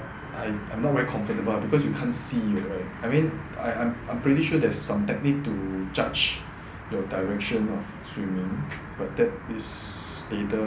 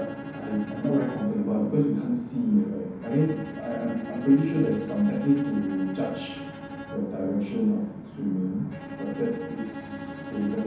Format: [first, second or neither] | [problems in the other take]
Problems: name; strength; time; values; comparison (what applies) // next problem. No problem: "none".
first | background sound (Bowed string instrument); 14 dB below the speech // room echo; dies away in 0.9 s